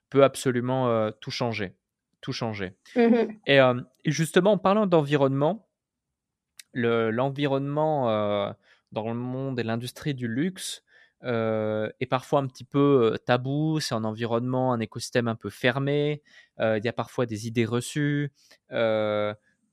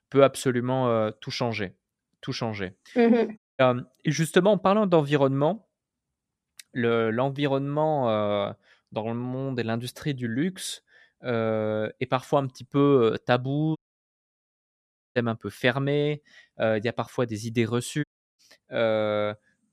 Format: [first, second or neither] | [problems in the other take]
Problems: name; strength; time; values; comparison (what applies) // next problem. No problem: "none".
first | audio cutting out; at 3.5 s, at 14 s for 1.5 s and at 18 s